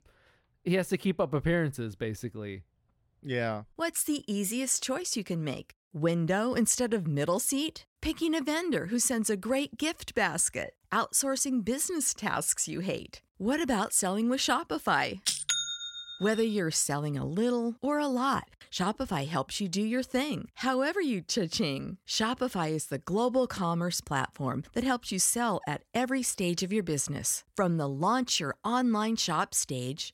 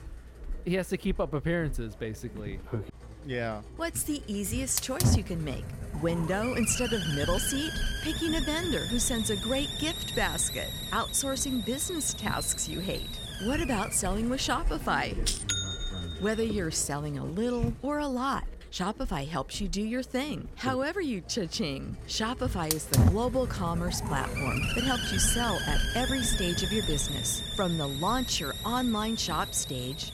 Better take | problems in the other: first | hiss; loud; throughout; 3 dB below the speech

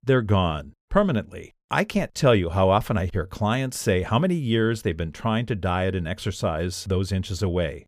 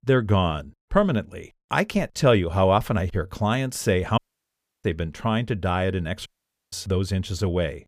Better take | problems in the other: first | audio cutting out; at 4 s for 0.5 s and at 6.5 s

